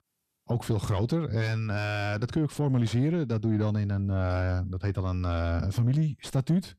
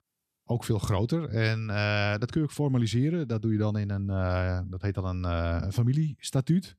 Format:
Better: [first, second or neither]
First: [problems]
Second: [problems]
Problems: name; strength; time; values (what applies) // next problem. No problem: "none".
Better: second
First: distortion; slight; 10 dB below the speech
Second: none